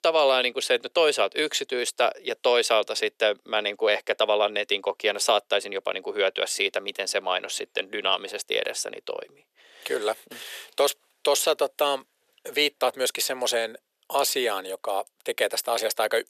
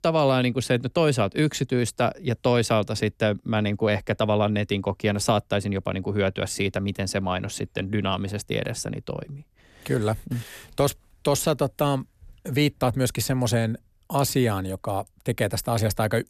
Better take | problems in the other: second | thin; very; fading below 450 Hz

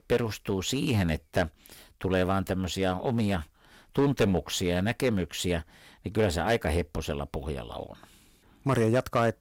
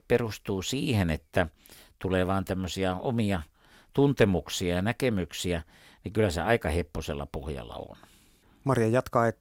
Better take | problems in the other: second | distortion; slight; 4% of the sound clipped

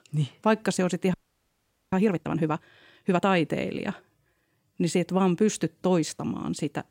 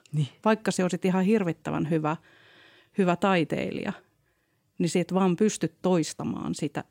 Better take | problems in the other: second | audio freezing; at 1 s for 1 s

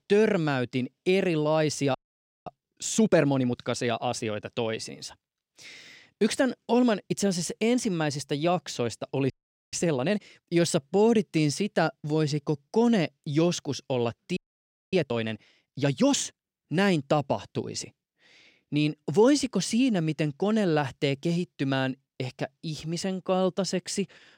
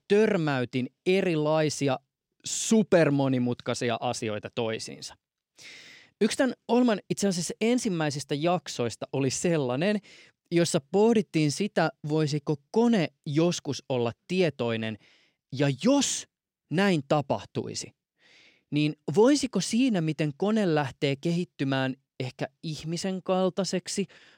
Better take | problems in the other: second | audio freezing; at 2 s for 0.5 s, at 9.5 s and at 14 s for 0.5 s

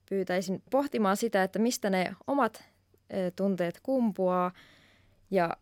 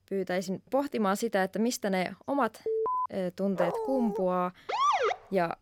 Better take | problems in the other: first | alarm; loud; at 2.5 s; peak 1 dB above the speech // dog barking; noticeable; at 3.5 s; peak 2 dB below the speech // siren; loud; at 4.5 s; peak 5 dB above the speech

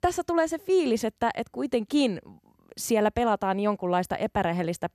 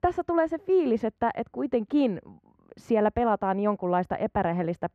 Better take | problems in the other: first | muffled; very; fading above 4 kHz

